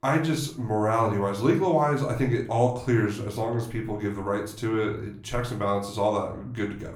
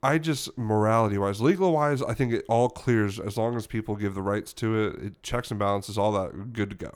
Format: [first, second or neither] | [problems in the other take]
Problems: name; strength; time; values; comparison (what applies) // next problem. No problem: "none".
second | room echo; slight; dies away in 0.4 s // off-mic speech; somewhat distant